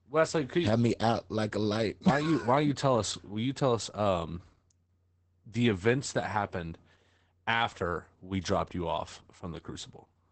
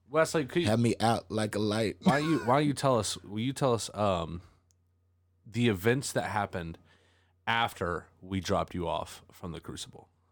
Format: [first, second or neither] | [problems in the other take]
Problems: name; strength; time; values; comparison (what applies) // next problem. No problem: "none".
second | garbled, watery; badly; nothing above 8 kHz